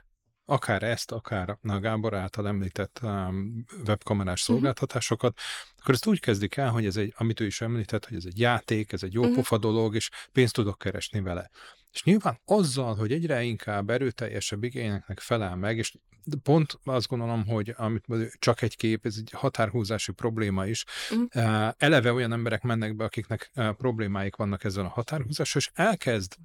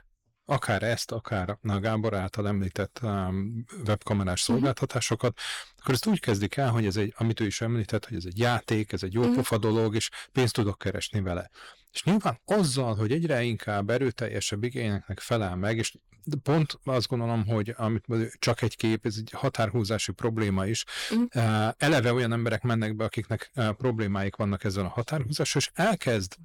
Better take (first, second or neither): first